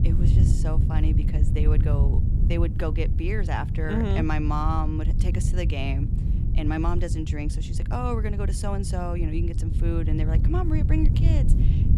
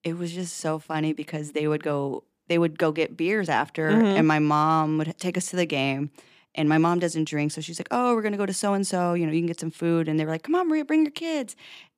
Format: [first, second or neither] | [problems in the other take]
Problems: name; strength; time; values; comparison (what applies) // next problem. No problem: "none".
second | wind noise on the microphone; heavy; 6 dB below the speech